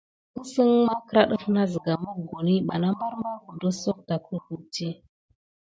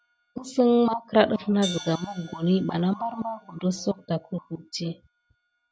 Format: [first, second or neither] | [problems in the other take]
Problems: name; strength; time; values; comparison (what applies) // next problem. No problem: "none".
first | background sound (Hi-hat); 20 dB below the speech